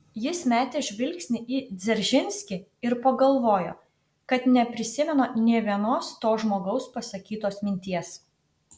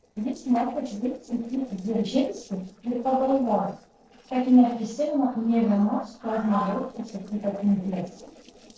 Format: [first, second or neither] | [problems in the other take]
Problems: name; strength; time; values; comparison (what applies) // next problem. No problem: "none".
first | noise reduction (neural separator model SepFormer DNS4)